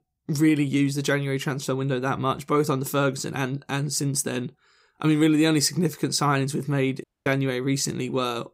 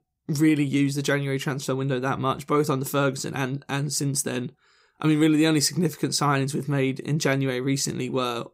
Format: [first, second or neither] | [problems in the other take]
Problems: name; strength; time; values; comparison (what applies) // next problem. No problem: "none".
second | audio cutting out; at 7 s